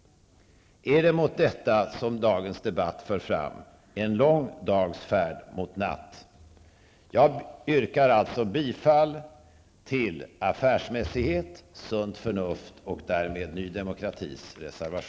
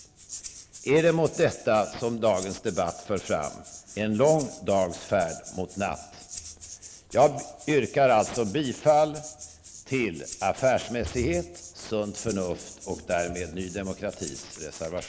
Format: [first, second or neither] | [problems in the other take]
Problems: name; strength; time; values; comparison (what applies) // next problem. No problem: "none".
first | background sound (Rattle (instrument)); 17 dB below the speech